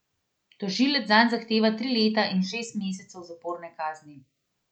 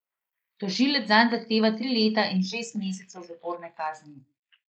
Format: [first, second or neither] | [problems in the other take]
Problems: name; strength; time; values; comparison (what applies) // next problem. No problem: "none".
first | noise reduction (neural mask model Resemble Enhance denoiser)